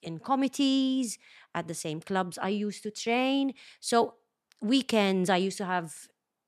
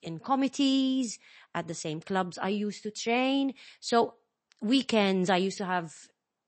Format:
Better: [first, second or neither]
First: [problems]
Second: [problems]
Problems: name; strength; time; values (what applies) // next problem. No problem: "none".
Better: first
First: none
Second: garbled, watery; slightly; nothing above 8 kHz